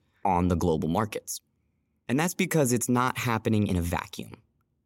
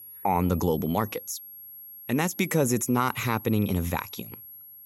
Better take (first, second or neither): first